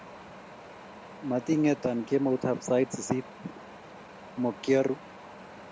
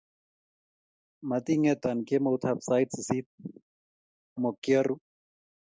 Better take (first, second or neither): second